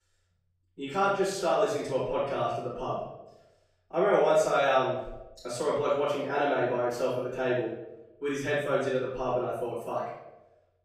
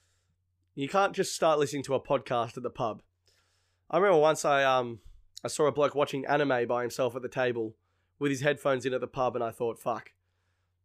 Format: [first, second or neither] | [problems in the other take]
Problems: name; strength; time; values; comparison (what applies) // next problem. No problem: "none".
second | off-mic speech; far // room echo; noticeable; dies away in 0.7 s